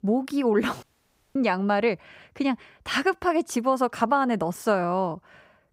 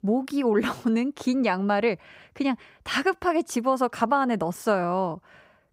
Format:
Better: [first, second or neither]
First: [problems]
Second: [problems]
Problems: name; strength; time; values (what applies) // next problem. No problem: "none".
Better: second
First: audio cutting out; at 1 s for 0.5 s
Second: none